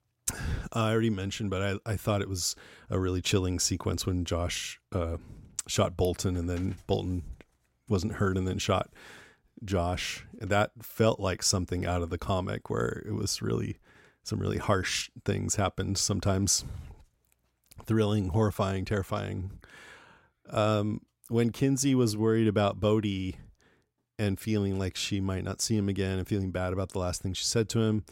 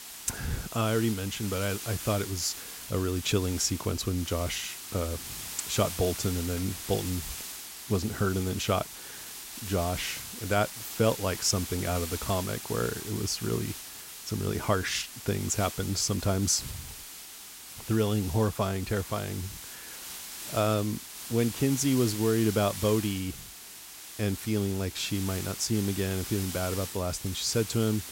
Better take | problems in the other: first | hiss; loud; throughout; 8 dB below the speech

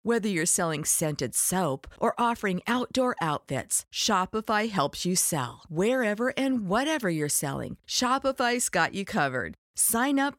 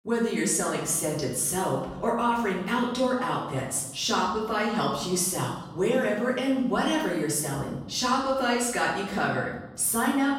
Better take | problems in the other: first | off-mic speech; far // room echo; noticeable; dies away in 0.9 s

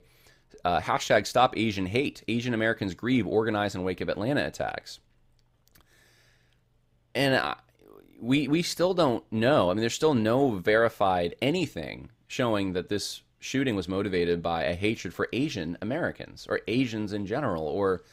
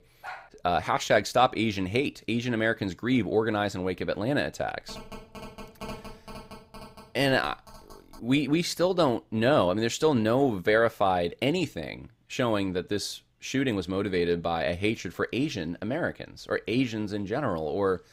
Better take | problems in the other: first | dog barking; faint; at the start; peak 15 dB below the speech // phone ringing; faint; from 5 to 8 s; peak 15 dB below the speech

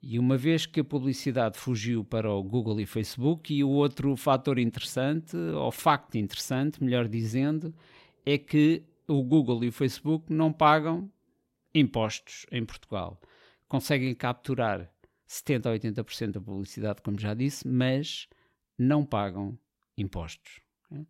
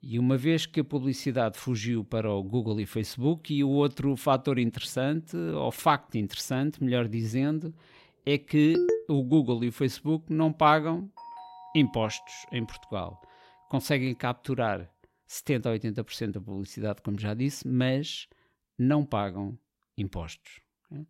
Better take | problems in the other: first | phone ringing; loud; at 8.5 s; peak 2 dB above the speech // doorbell; faint; from 11 to 14 s; peak 15 dB below the speech

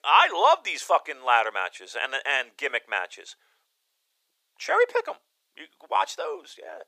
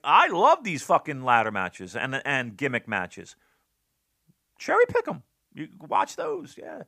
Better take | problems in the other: second | thin; very; fading below 450 Hz

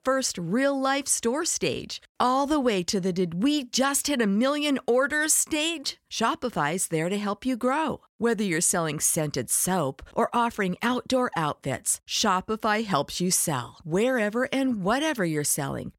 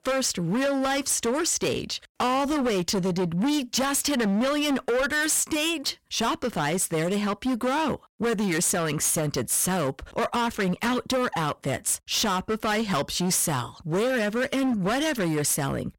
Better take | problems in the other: first | distortion; heavy; 24% of the sound clipped

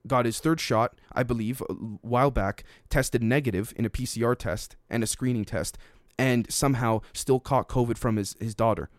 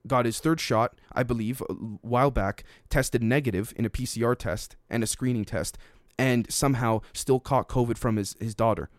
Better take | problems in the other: neither | none

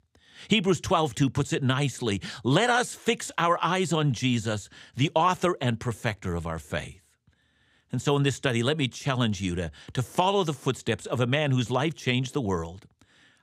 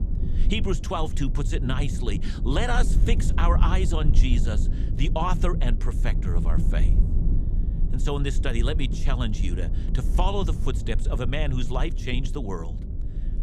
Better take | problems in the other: first | low rumble; noticeable; throughout; 10 dB below the speech

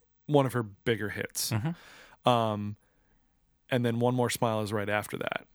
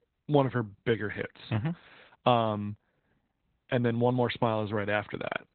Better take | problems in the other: first | garbled, watery; badly; nothing above 4 kHz

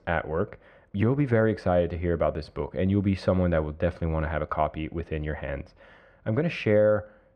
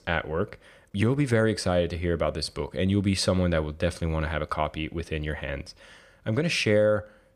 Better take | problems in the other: second | muffled; very; fading above 4 kHz

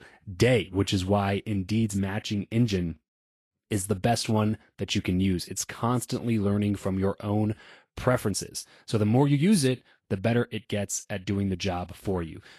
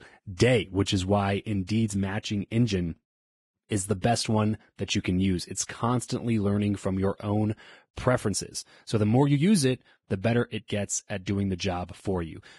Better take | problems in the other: first | garbled, watery; badly; nothing above 10.5 kHz; slightly in the first

